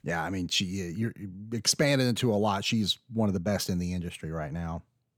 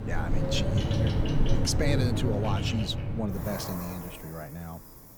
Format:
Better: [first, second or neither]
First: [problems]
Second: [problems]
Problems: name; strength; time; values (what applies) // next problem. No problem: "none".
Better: first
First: none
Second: animal sounds; very loud; throughout; 4 dB above the speech